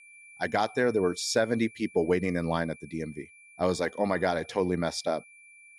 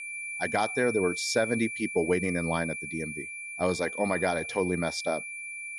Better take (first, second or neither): first